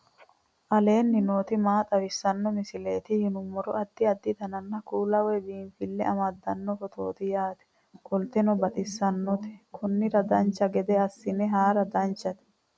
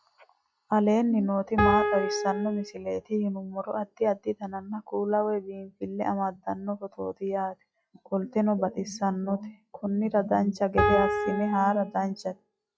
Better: first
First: none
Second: noise reduction (classical method log-MMSE)

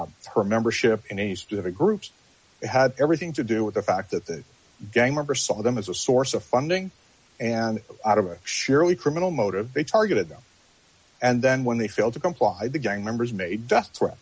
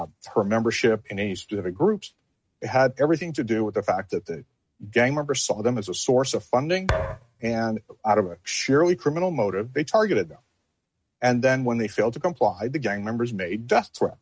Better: first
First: none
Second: noise reduction (neural mask model RNNoise)

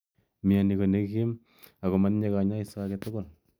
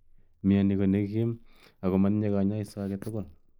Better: first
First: none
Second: noise reduction (neural mask model Resemble Enhance denoiser)

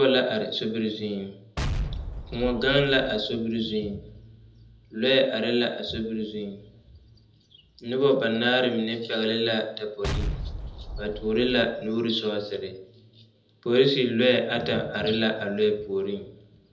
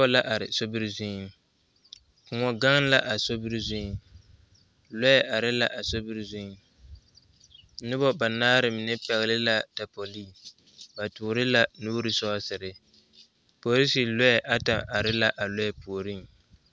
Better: second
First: background sound (Explosion); 6 dB below the speech // room echo; dies away in 0.8 s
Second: none

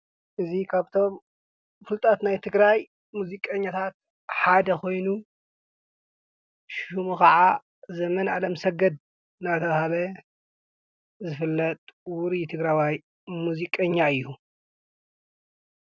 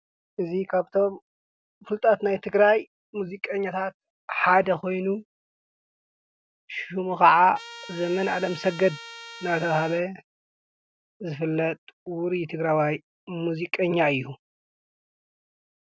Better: first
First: none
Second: background sound (Trumpet); 15 dB below the speech

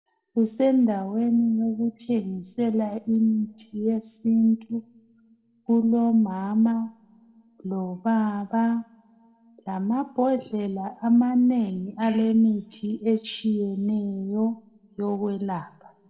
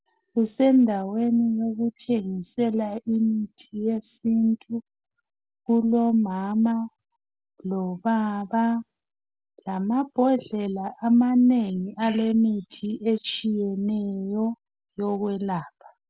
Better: second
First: room echo; dies away in 1.2 s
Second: none

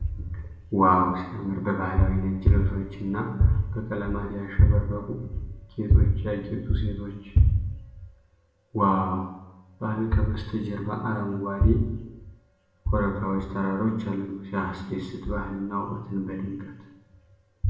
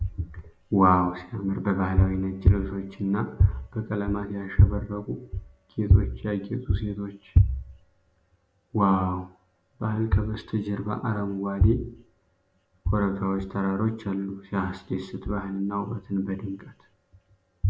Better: second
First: room echo; dies away in 0.8 s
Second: none

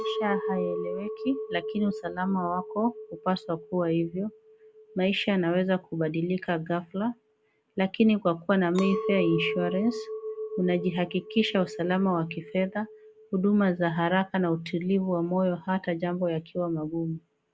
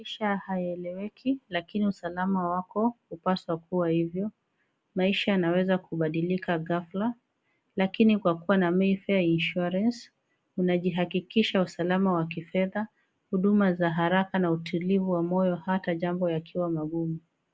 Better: second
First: background sound (Chink, clink); 11 dB below the speech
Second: none

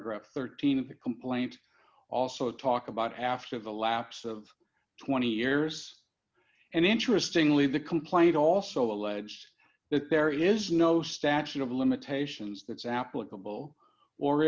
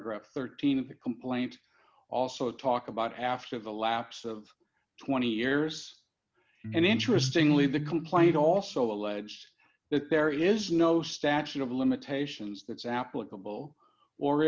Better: first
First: none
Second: background sound (Electric guitar); 5 dB below the speech

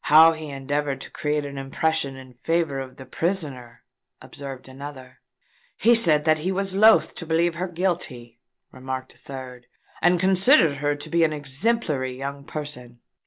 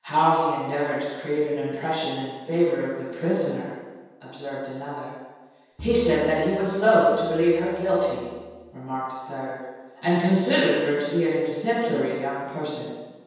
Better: first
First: none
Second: background sound (Bowed string instrument); 20 dB below the speech // room echo; dies away in 1.2 s

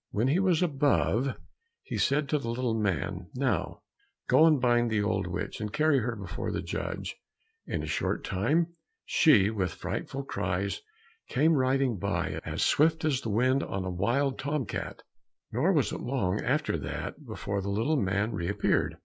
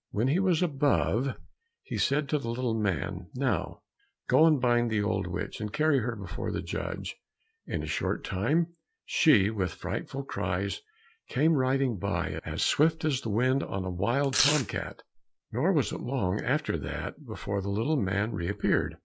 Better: first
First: none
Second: background sound (Domestic sounds, home sounds); 3 dB below the speech

